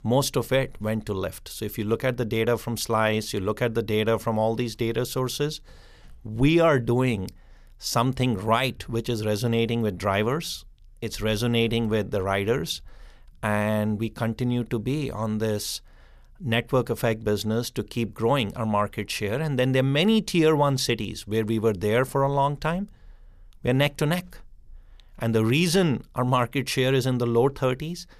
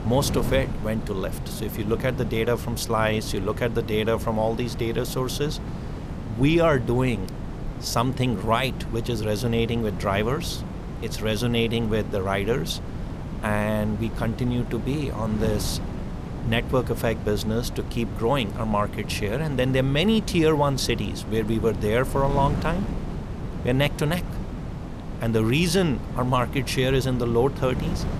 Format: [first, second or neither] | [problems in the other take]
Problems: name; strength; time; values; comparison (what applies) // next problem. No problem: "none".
first | wind noise on the microphone; occasional gusts; 15 dB below the speech